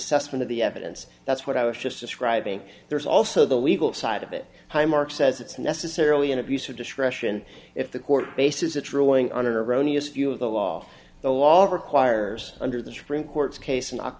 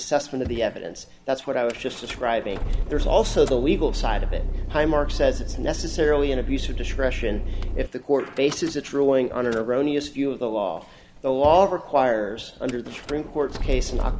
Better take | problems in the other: first | background sound (Idling / Engine starting / Door / Car); 5 dB below the speech

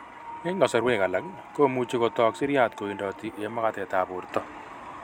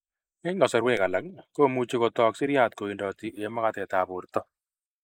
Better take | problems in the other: first | noise reduction (neural mask model Resemble Enhance denoiser)

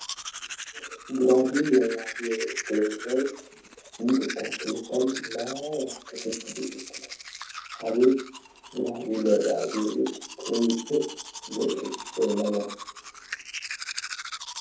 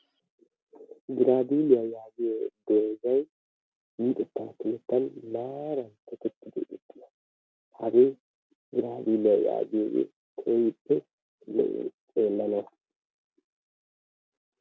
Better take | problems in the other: second | background sound (Domestic sounds, home sounds); 11 dB below the speech // room echo; dies away in 0.6 s

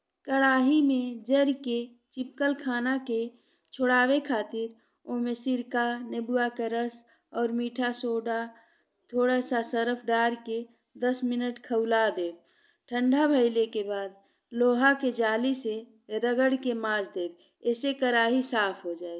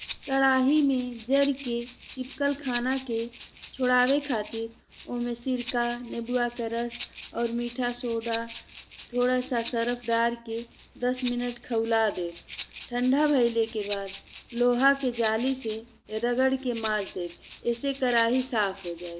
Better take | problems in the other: first | background sound (Rattle (instrument)); 17 dB below the speech

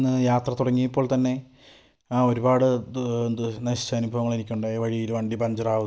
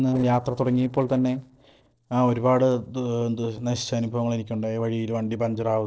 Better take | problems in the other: first | noise reduction (neural separator model SepFormer DNS4)

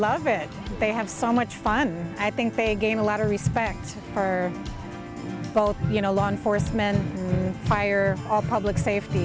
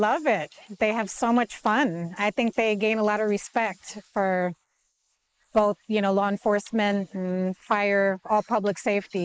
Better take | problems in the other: first | noise reduction (neural mask model Resemble Enhance denoiser)

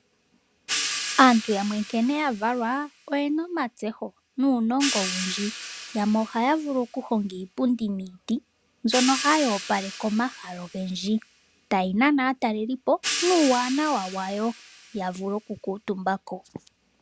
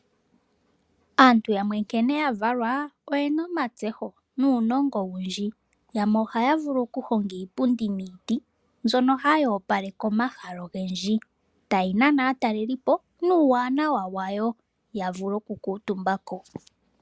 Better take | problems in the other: second | background sound (Hi-hat); 10 dB below the speech

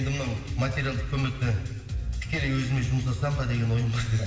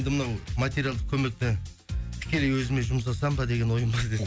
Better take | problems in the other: second | room echo; dies away in 2.4 s

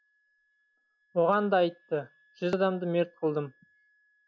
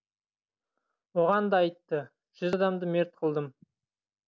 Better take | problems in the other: second | noise reduction (classical method log-MMSE)

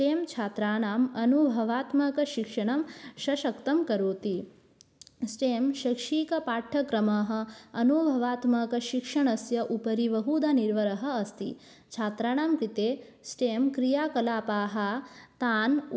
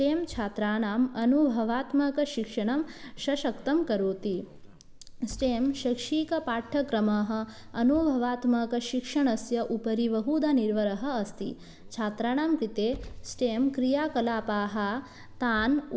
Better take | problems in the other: first | background sound (Car); 18 dB below the speech

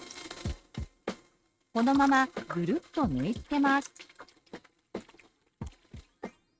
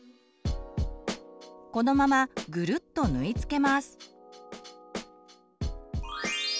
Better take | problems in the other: second | noise reduction (neural mask model RNNoise)

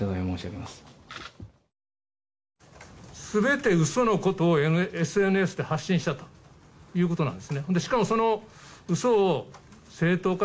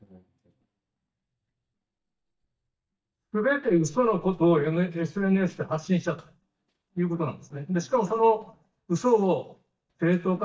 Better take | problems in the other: first | noise reduction (neural mask model DeepFilterNet 3)

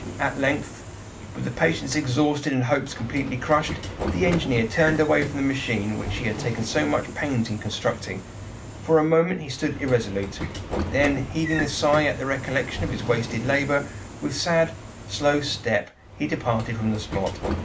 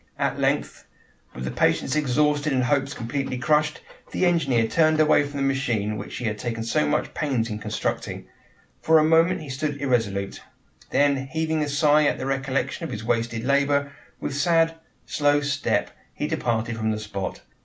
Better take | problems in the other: second | background sound (Sliding door / Train); 9 dB below the speech

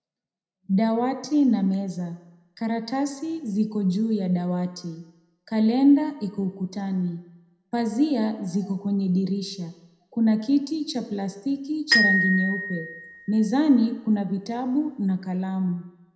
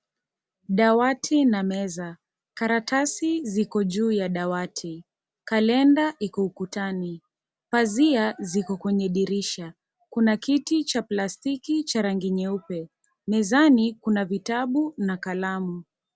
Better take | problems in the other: second | background sound (Glockenspiel); 3 dB below the speech // room echo; dies away in 0.7 s

